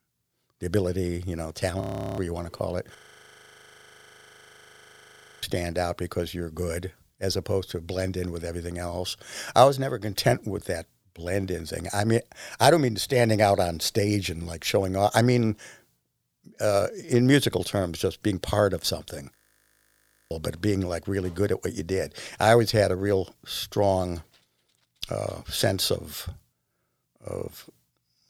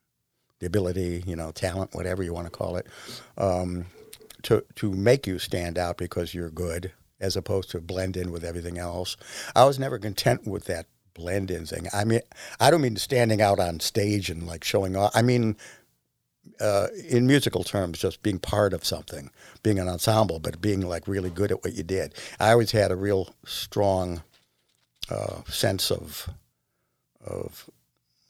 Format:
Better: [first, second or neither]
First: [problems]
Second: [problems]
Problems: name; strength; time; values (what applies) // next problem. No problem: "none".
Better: second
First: audio freezing; at 2 s, at 3 s for 2.5 s and at 19 s for 1 s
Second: none